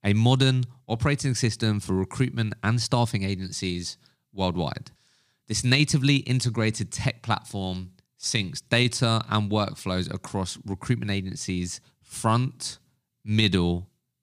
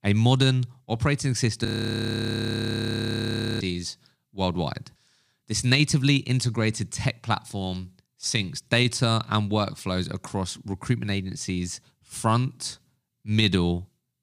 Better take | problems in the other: first | audio freezing; at 1.5 s for 2 s

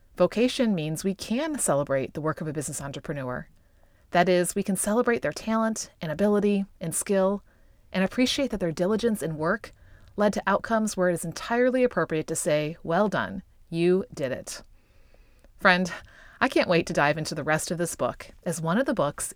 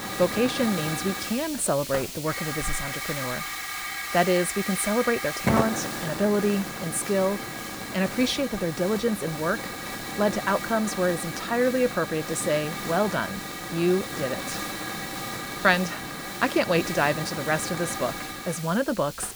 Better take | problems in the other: first | hiss; loud; throughout; 5 dB below the speech

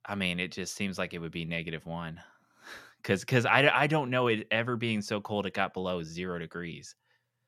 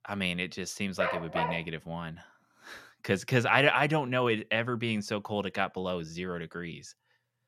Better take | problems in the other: first | dog barking; noticeable; at 1 s; peak 2 dB below the speech

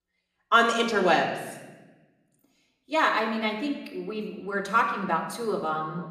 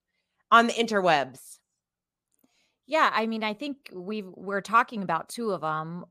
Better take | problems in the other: second | room echo; slight; dies away in 1 s // off-mic speech; somewhat distant

